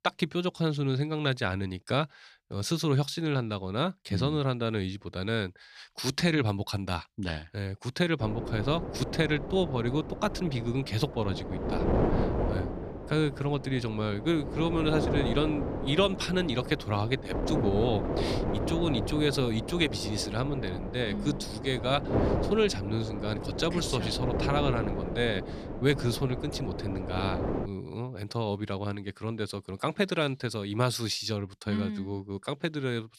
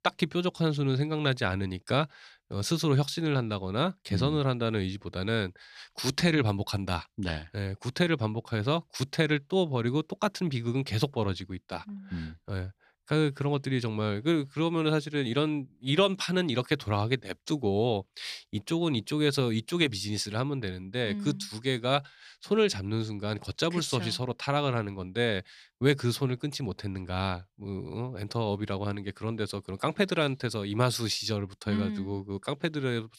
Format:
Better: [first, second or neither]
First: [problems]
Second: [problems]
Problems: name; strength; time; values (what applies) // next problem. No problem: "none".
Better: second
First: wind noise on the microphone; heavy; from 8 to 28 s; 5 dB below the speech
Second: none